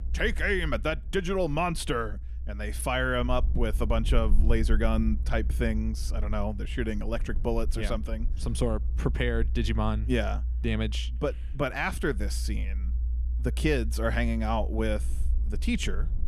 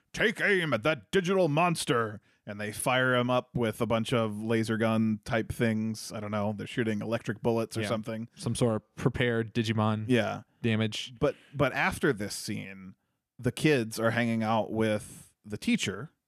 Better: second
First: low rumble; faint; throughout; 20 dB below the speech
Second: none

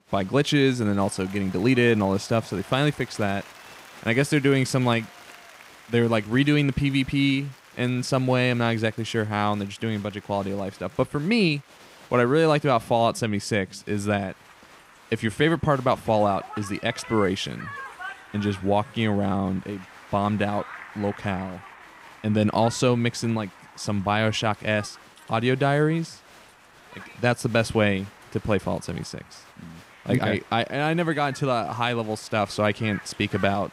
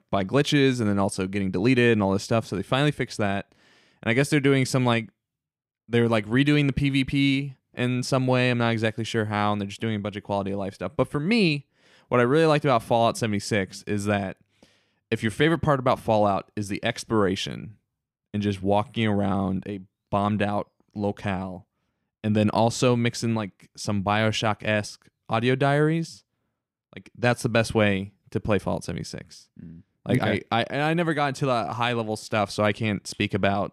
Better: second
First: crowd noise; faint; throughout; 20 dB below the speech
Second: none

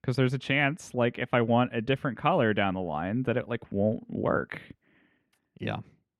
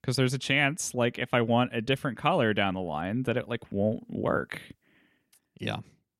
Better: second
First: muffled; slightly; fading above 4 kHz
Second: none

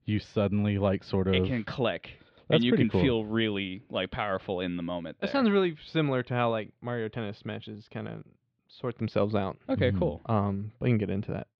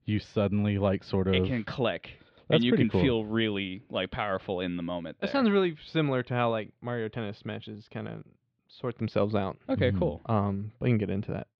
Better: neither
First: muffled; slightly; fading above 4 kHz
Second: muffled; slightly; fading above 4 kHz

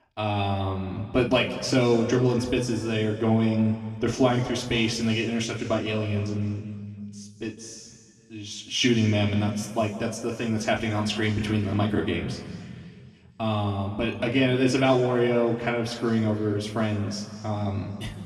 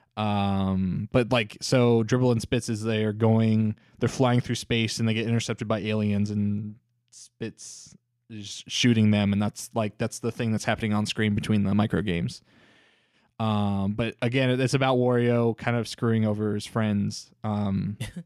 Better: second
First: room echo; slight; dies away in 2 s // off-mic speech; far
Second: none

